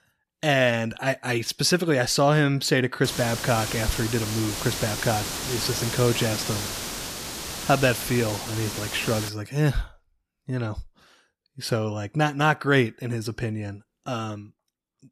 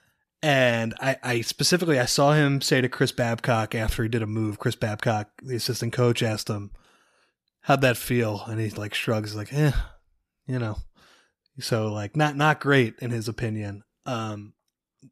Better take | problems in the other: second | hiss; loud; from 3 to 9.5 s; 5 dB below the speech

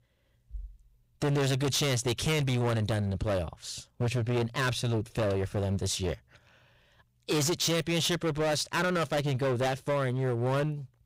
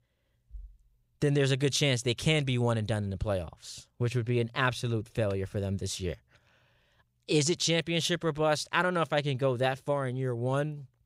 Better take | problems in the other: second | distortion; heavy; 19% of the sound clipped

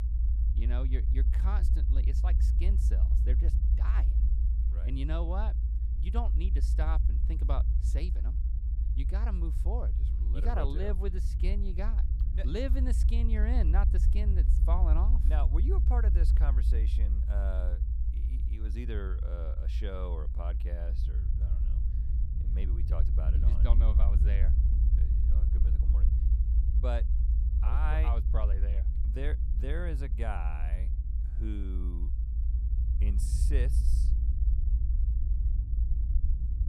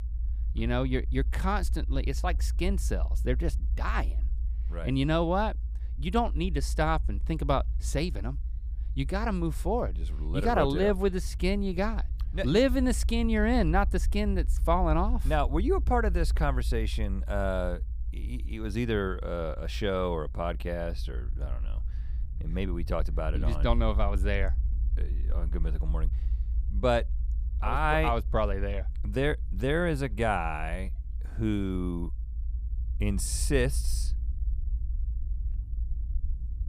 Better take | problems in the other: second | low rumble; loud; throughout; 6 dB below the speech; faint in the second

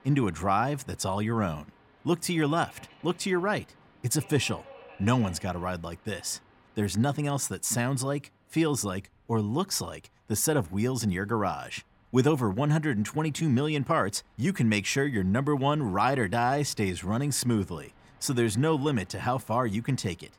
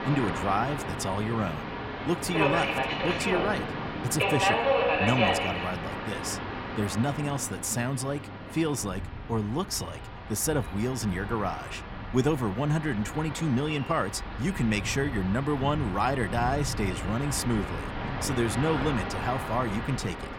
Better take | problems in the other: first | train or aircraft noise; loud; throughout; 3 dB below the speech; faint in the first

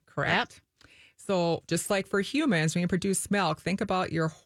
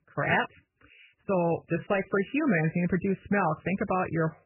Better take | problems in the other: first | garbled, watery; badly; nothing above 2.5 kHz

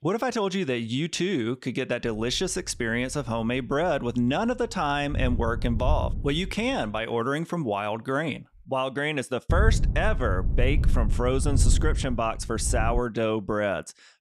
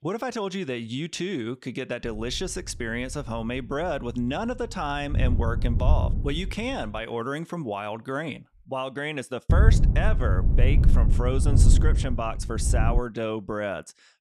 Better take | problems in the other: first | wind noise on the microphone; heavy; from 2 to 7 s and from 9.5 to 13 s; 8 dB below the speech; occasional gusts in the first

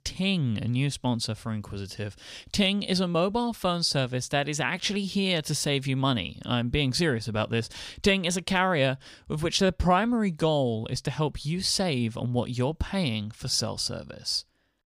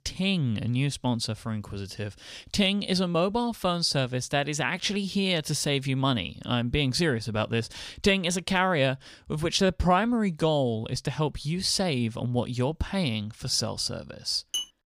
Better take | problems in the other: first | clattering dishes; noticeable; at 14 s; peak 5 dB below the speech

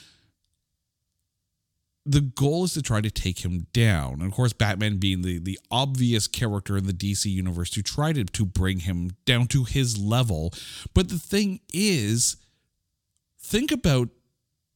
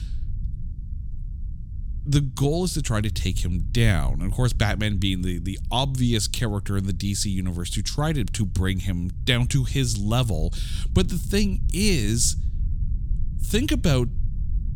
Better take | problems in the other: first | low rumble; faint; throughout; 20 dB below the speech

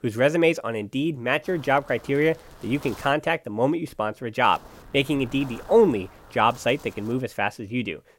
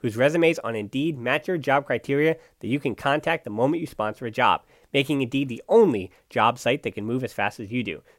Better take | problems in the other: second | wind noise on the microphone; occasional gusts; from 1.5 to 3 s and from 4.5 to 7 s; 20 dB below the speech

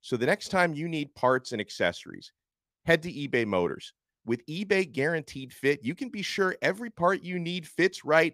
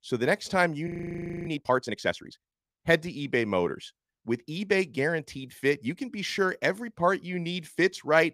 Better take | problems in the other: first | audio freezing; at 1 s for 0.5 s

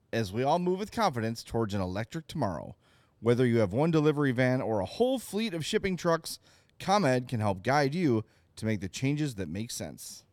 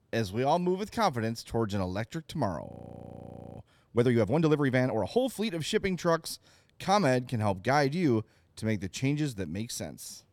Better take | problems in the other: first | audio freezing; at 2.5 s for 1 s

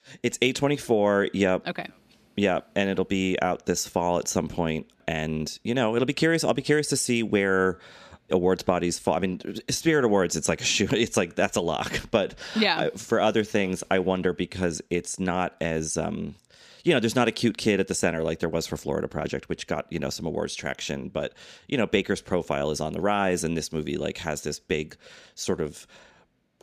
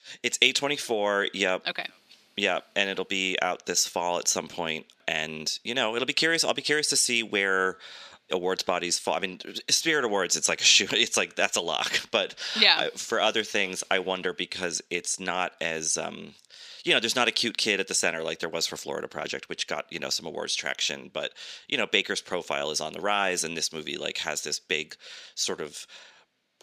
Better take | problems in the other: first | thin; somewhat; fading below 750 Hz

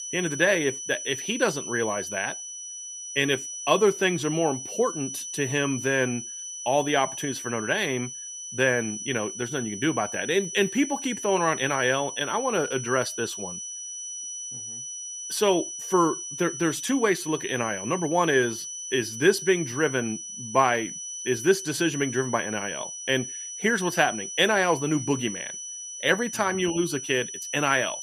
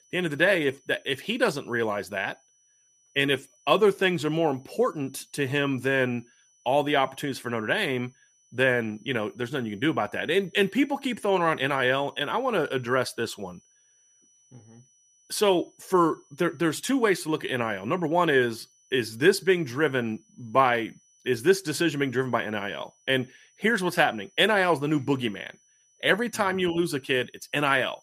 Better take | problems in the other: second | high-pitched whine; loud; throughout; 6 kHz, 8 dB below the speech; faint in the second

